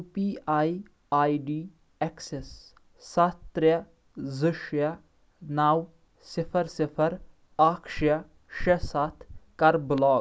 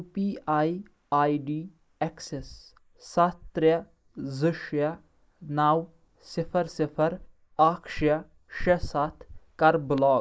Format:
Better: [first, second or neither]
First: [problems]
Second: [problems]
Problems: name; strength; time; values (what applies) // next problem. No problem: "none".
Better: first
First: none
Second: noise reduction (neural mask model Resemble Enhance denoiser)